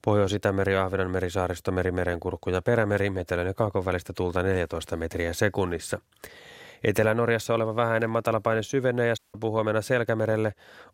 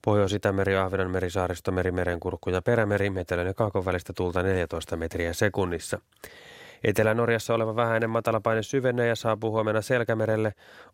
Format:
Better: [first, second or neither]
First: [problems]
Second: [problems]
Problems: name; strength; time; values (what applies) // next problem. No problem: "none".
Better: second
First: audio cutting out; at 9 s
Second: none